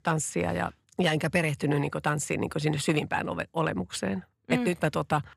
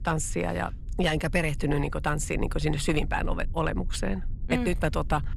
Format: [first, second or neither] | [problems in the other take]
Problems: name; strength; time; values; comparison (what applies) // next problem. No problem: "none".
first | low rumble; faint; throughout; 25 dB below the speech